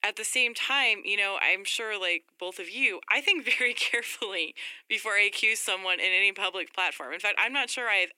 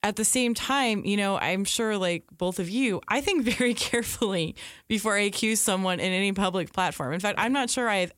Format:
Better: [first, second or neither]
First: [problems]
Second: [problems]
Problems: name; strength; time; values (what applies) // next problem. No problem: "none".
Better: second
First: thin; very; fading below 300 Hz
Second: none